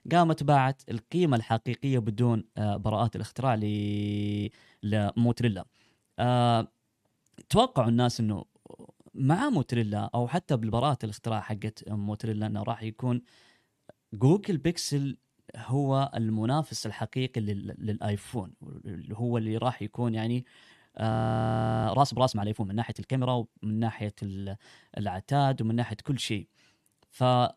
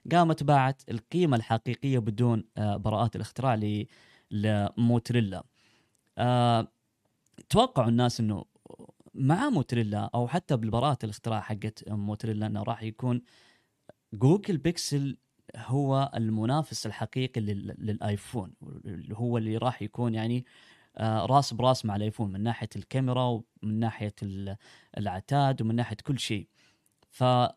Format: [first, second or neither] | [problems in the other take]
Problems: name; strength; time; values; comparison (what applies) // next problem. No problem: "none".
second | audio freezing; at 4 s for 0.5 s and at 21 s for 0.5 s